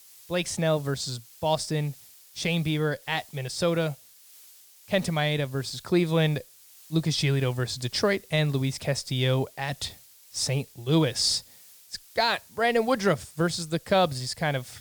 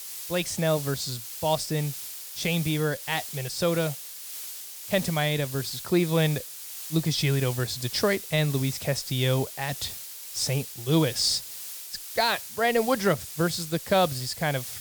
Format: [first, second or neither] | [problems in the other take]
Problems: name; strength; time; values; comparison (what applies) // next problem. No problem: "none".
first | hiss; loud; throughout; 9 dB below the speech; faint in the first